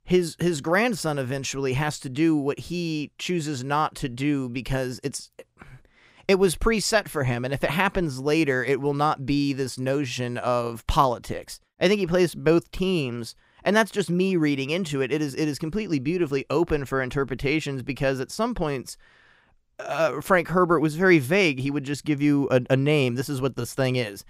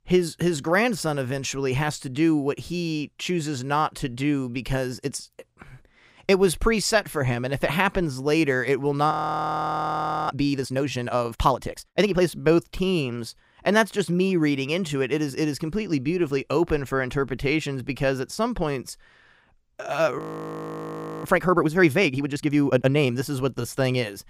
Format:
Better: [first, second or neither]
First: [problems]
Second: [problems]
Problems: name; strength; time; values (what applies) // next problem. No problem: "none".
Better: first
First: none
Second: audio freezing; at 9 s for 1 s and at 20 s for 1 s